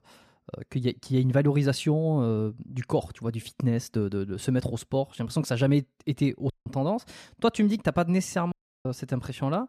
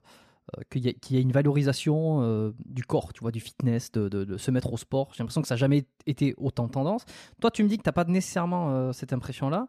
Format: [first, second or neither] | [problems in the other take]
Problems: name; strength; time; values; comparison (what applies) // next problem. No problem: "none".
second | audio cutting out; at 6.5 s and at 8.5 s